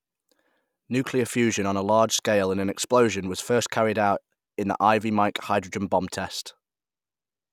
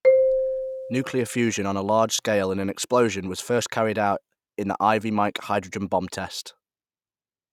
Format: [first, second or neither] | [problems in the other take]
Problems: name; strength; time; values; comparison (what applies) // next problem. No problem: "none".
first | noise reduction (neural mask model RNNoise)